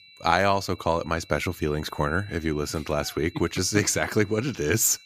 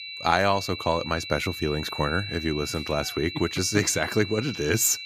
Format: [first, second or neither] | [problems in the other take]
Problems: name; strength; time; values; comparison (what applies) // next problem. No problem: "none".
first | high-pitched whine; loud; throughout; 4 kHz, 9 dB below the speech; faint in the first